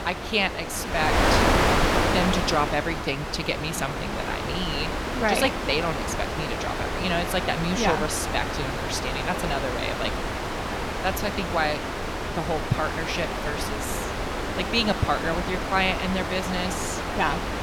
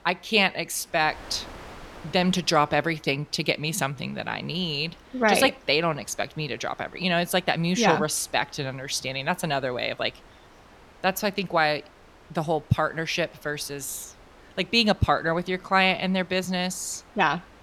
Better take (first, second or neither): second